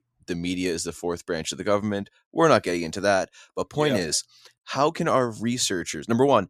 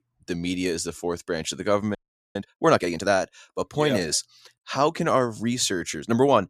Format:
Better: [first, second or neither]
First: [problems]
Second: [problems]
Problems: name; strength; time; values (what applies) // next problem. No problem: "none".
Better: first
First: none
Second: audio freezing; at 2 s